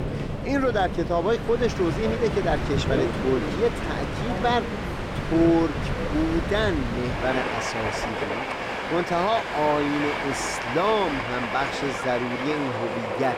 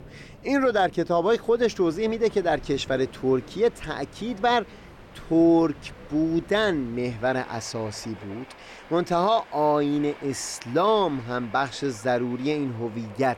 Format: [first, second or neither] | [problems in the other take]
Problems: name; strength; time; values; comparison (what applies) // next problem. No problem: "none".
second | train or aircraft noise; loud; throughout; 3 dB below the speech; faint in the second